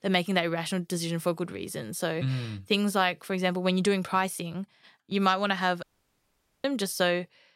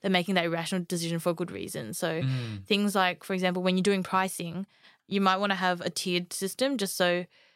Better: second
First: audio cutting out; at 6 s for 1 s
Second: none

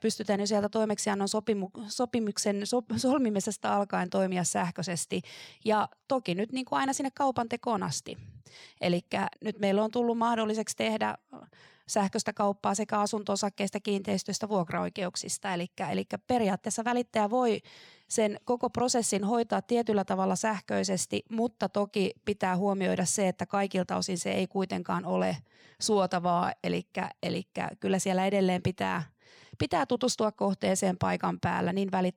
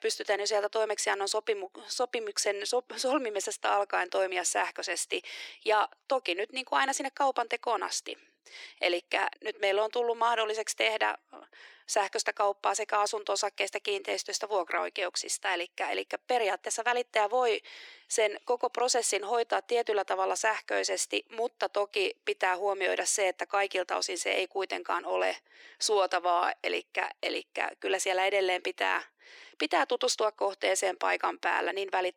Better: first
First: none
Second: thin; very; fading below 300 Hz

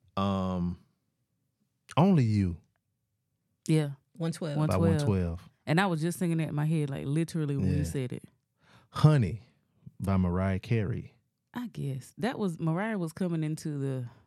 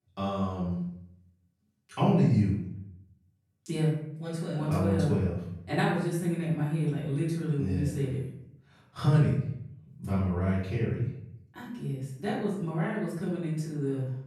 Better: first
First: none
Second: off-mic speech; far // room echo; noticeable; dies away in 0.6 s

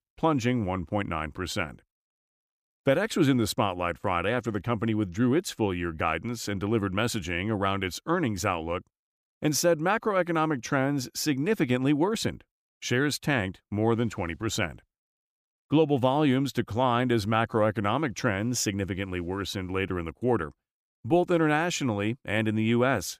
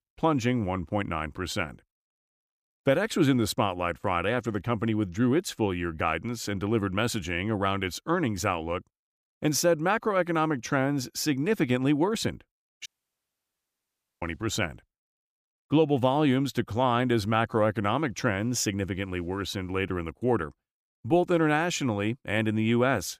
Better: first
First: none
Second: audio cutting out; at 13 s for 1.5 s

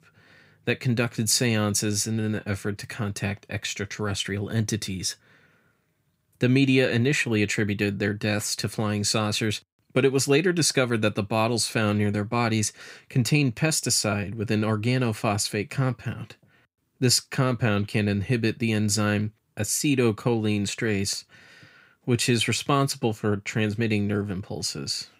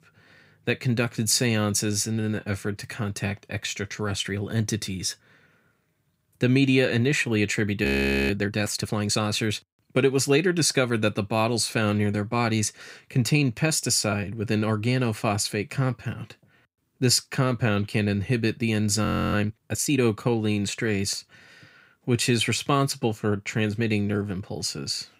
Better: first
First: none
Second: audio freezing; at 8 s and at 19 s

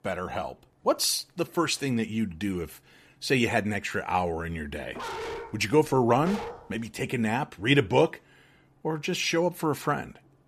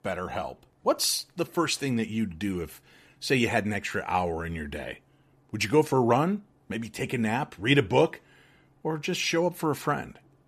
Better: second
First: dog barking; noticeable; from 5 to 7 s; peak 7 dB below the speech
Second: none

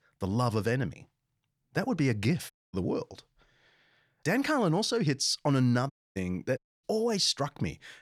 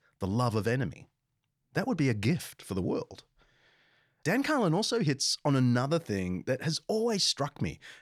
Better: second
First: audio cutting out; at 2.5 s, at 6 s and at 6.5 s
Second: none

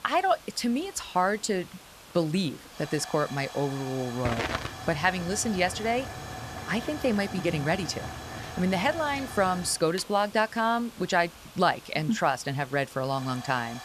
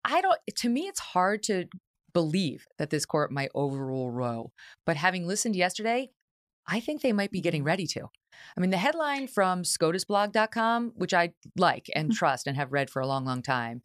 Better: second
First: hiss; noticeable; throughout; 10 dB below the speech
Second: none

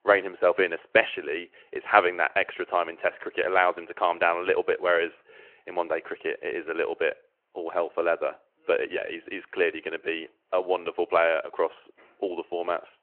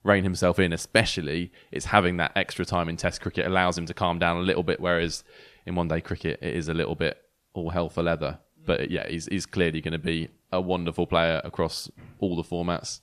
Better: second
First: phone-call audio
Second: none

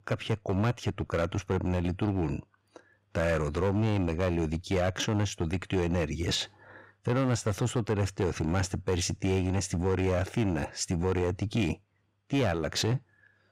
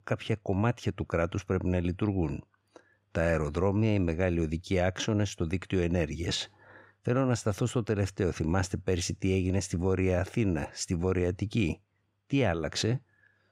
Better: second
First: distortion; slight; 8% of the sound clipped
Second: none

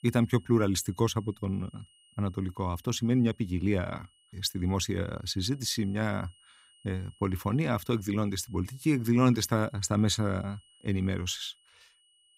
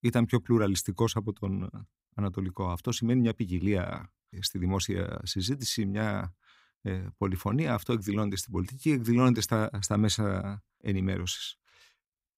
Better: second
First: high-pitched whine; faint; throughout; 3 kHz, 30 dB below the speech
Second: none

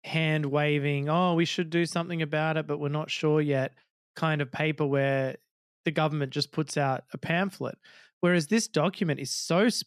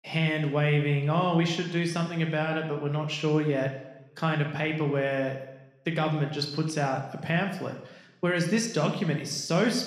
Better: first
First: none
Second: room echo; slight; dies away in 0.8 s

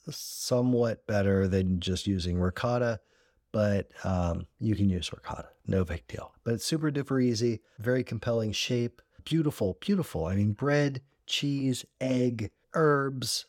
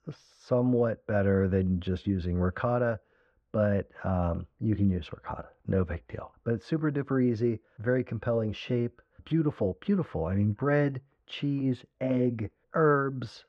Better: first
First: none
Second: muffled; very; fading above 1.5 kHz

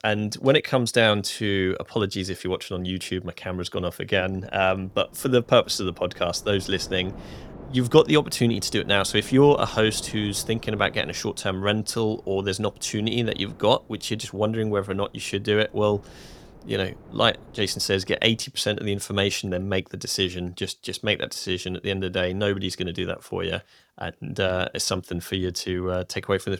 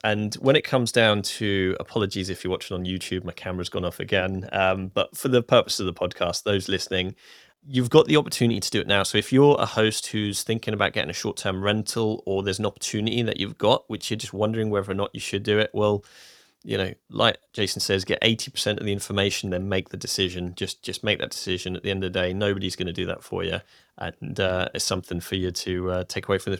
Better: second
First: wind noise on the microphone; occasional gusts; from 4.5 to 18 s; 25 dB below the speech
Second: none

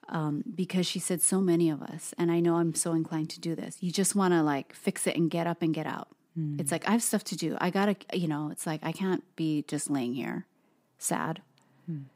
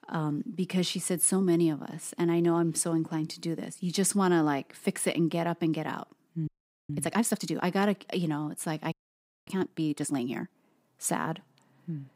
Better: first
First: none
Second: audio freezing; at 6.5 s and at 9 s for 0.5 s

